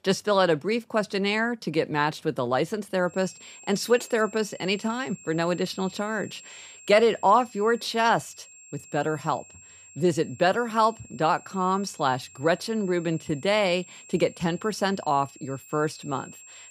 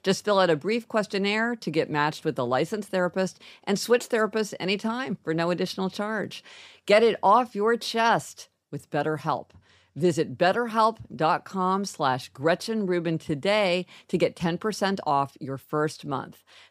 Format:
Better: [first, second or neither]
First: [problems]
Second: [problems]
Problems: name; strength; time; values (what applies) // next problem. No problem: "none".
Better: second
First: high-pitched whine; faint; from 3 s on; 7.5 kHz, 20 dB below the speech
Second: none